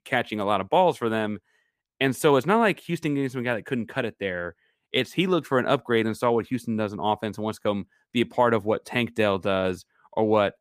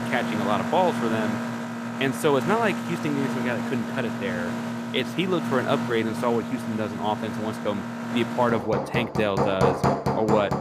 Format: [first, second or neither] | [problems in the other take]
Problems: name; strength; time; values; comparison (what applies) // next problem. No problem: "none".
first | machinery noise; loud; throughout; 2 dB below the speech